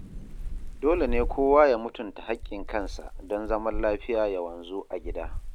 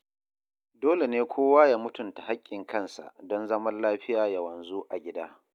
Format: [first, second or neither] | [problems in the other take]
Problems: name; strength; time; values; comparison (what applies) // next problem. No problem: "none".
second | background sound (Thunder / Rain); 7 dB below the speech